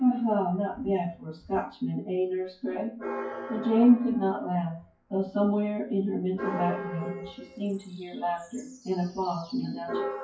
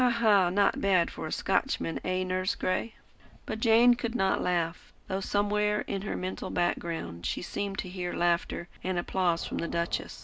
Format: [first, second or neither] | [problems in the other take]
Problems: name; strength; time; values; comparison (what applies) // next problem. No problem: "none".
second | noise reduction (classical method WPE with log-MMSE)